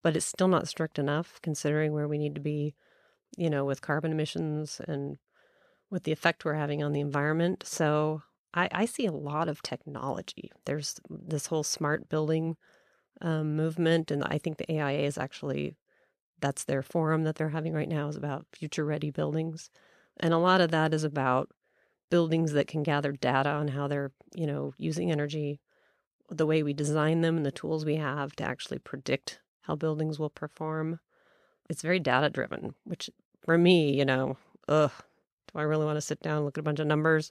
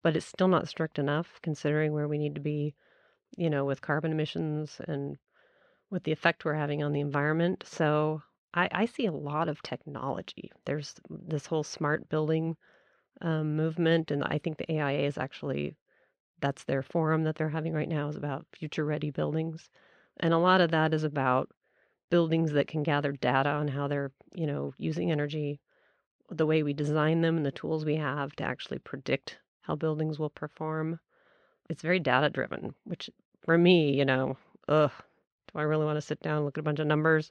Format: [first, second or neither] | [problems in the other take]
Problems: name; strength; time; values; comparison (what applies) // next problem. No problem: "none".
first | muffled; slightly; fading above 3 kHz